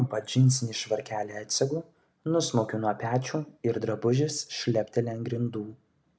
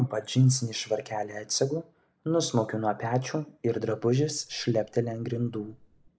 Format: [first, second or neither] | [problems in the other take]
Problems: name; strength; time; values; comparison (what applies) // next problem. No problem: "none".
first | noise reduction (neural mask model Resemble Enhance denoiser)